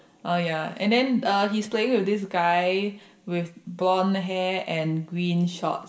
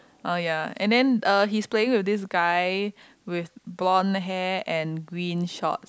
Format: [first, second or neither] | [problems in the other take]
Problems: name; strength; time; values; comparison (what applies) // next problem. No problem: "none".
second | room echo; dies away in 0.7 s